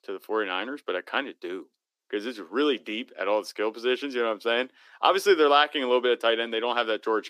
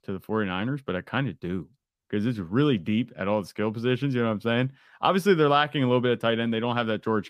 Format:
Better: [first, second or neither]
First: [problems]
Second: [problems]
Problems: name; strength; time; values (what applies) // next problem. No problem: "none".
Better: second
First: thin; somewhat; fading below 300 Hz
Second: none